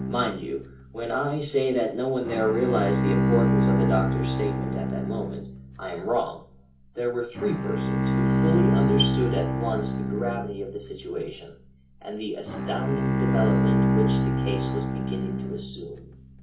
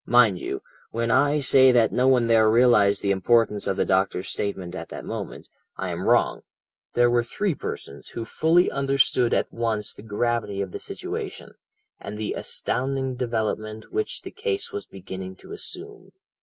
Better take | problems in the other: second | background sound (Bowed string instrument); 3 dB above the speech // room echo; dies away in 0.4 s

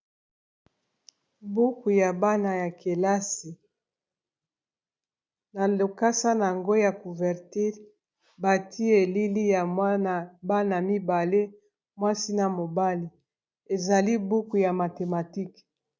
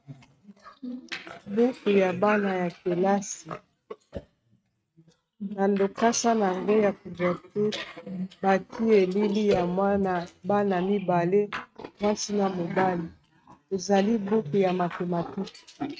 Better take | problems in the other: first | noise reduction (neural mask model RNNoise)

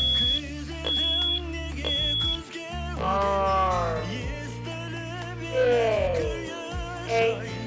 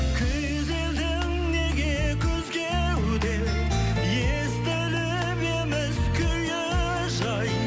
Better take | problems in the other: second | background sound (Alarm); 5 dB above the speech

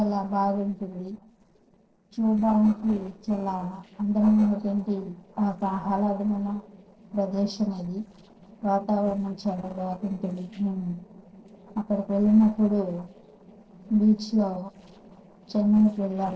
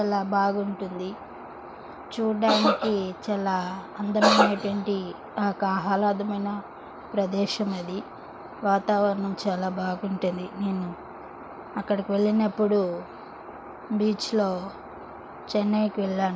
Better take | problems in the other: second | noise reduction (neural separator model SepFormer DNS4)

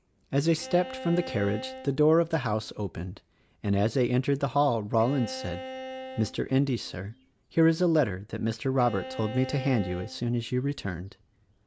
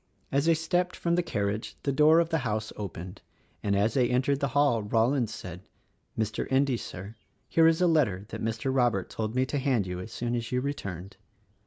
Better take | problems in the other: second | background sound (Bowed string instrument); 13 dB below the speech

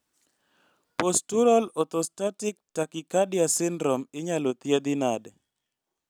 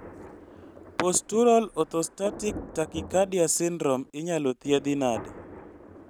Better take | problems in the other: first | background sound (Thunder); 16 dB below the speech

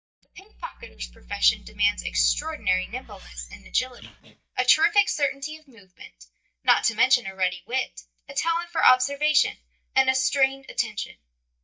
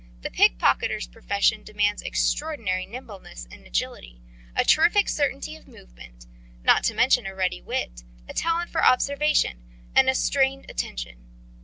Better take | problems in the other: second | noise reduction (neural mask model DeepFilterNet 3)

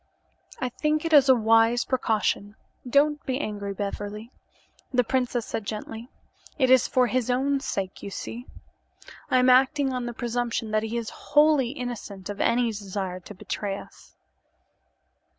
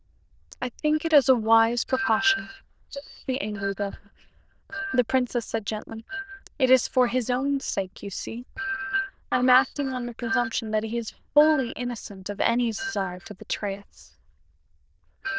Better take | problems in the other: first | noise reduction (neural diffusion model UNIVERSE++)

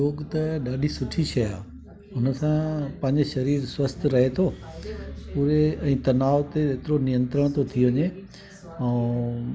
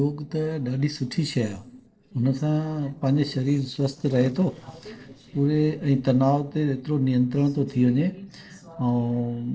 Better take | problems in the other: first | noise reduction (neural separator model SepFormer DNS4)

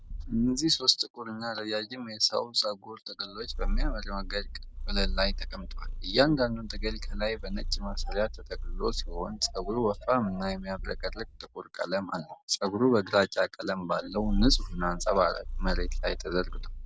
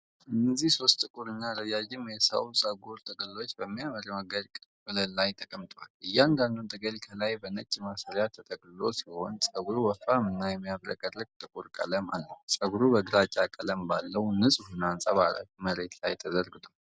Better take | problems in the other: second | background sound (Purr); 4 dB below the speech

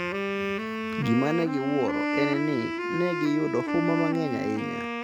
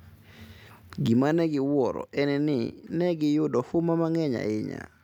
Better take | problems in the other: second | background sound (Wind instrument, woodwind instrument); 1 dB below the speech

